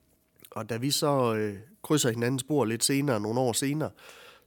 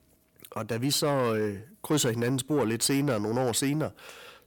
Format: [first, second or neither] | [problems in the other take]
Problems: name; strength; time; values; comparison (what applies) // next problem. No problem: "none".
first | distortion; slight; 10 dB below the speech